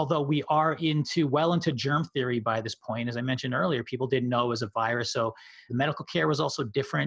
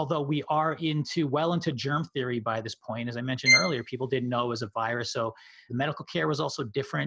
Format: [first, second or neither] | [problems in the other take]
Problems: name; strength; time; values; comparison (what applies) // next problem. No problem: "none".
first | background sound (Bowed string instrument); 3 dB above the speech